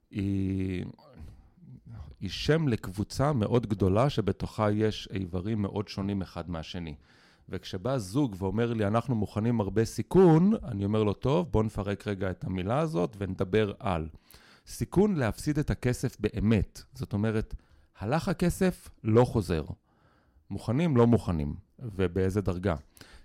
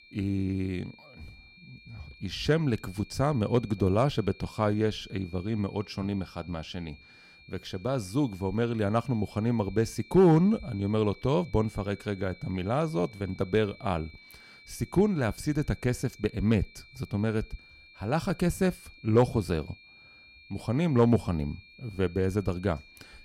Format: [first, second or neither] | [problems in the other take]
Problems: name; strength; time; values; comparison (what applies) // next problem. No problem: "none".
first | high-pitched whine; faint; throughout; 2.5 kHz, 25 dB below the speech